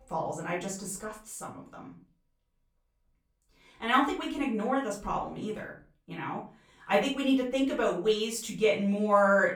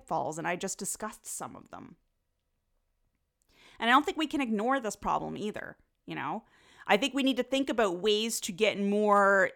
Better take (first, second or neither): second